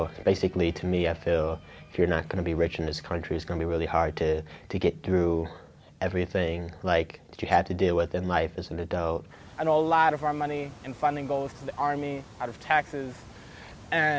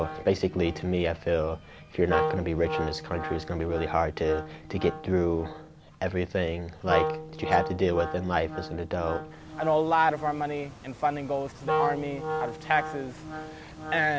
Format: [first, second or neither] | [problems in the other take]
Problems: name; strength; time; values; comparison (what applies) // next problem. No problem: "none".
first | background sound (Wind instrument, woodwind instrument); 7 dB below the speech